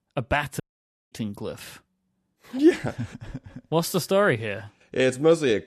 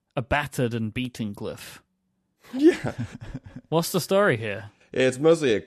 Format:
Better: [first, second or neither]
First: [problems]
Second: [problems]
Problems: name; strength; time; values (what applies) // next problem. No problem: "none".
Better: second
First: audio cutting out; at 0.5 s for 0.5 s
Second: none